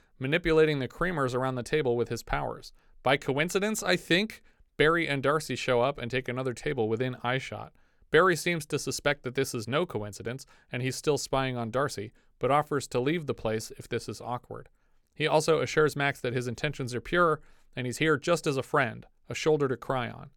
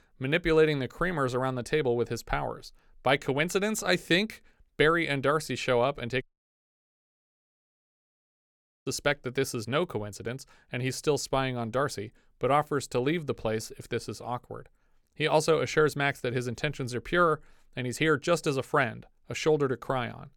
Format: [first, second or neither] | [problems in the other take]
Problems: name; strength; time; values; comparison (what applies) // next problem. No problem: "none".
first | audio cutting out; at 6 s for 2.5 s